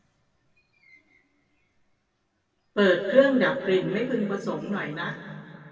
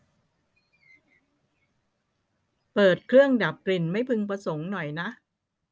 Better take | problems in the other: second | room echo; dies away in 2.1 s

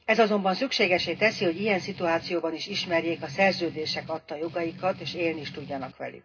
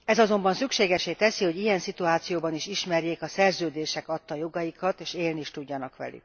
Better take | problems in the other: second | background sound (Strum); 15 dB below the speech // room echo; dies away in 0.2 s

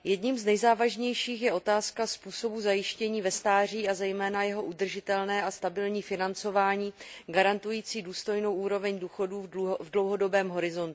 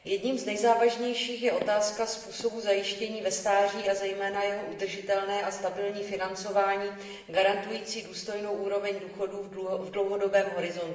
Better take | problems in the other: first | background sound (Walk, footsteps); 19 dB below the speech // room echo; dies away in 1.2 s

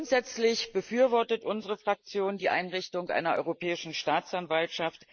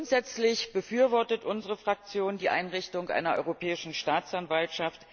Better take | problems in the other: second | noise reduction (neural mask model Resemble Enhance denoiser)

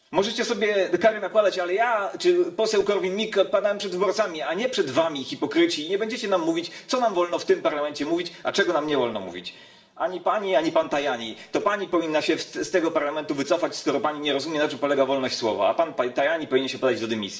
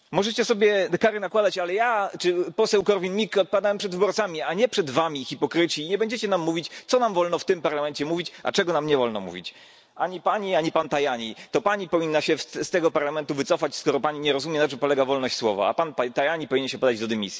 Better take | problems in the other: second | room echo; dies away in 1.3 s

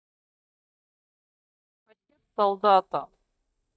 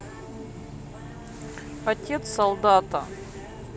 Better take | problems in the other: second | noise reduction (neural mask model DeepFilterNet 3)

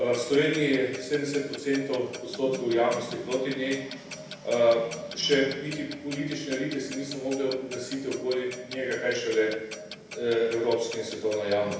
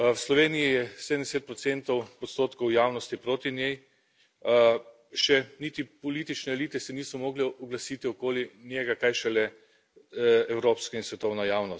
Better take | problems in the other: second | background sound (Clock); 13 dB below the speech // room echo; dies away in 0.9 s

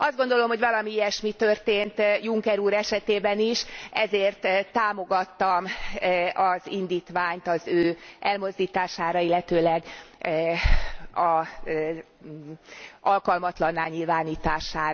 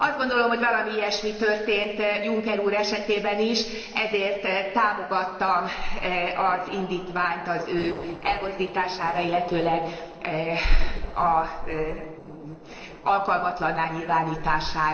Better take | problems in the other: first | noise reduction (neural separator model SepFormer DNS4)

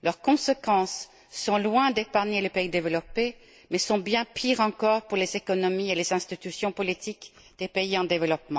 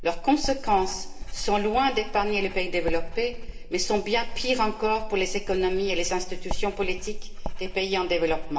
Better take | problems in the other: first | background sound (Writing); 4 dB below the speech // room echo; dies away in 2.6 s

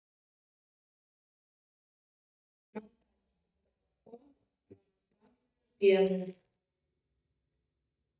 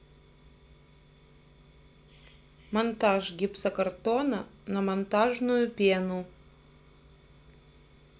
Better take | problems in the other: second | noise reduction (neural mask model DeepFilterNet 3)

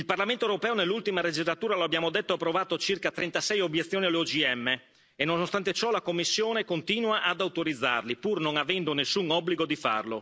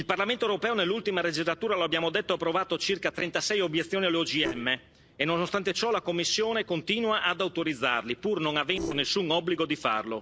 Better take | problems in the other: first | noise reduction (neural separator model SepFormer DNS4)

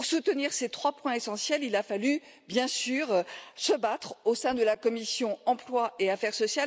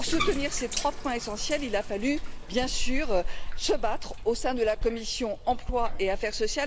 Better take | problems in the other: first | background sound (Bathtub (filling or washing)); 1 dB below the speech

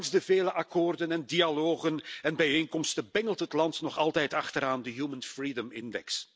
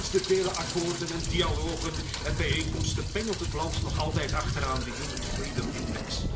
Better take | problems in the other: first | background sound (Rain); 1 dB above the speech // room echo; dies away in 1.5 s

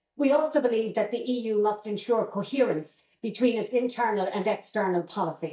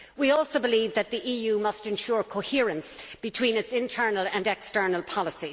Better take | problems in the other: second | noise reduction (neural mask model DeepFilterNet 3)

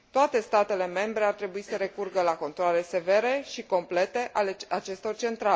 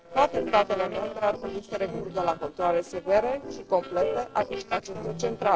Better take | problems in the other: first | noise reduction (neural separator model SepFormer DNS4)

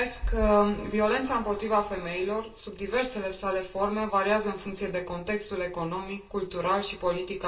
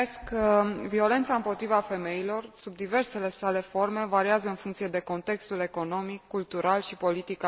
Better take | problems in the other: second | room echo; dies away in 0.2 s

